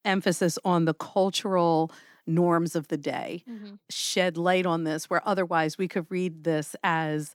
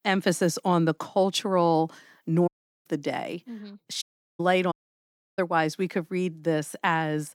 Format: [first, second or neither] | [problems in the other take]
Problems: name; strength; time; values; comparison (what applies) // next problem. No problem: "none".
first | audio cutting out; at 2.5 s, at 4 s and at 4.5 s for 0.5 s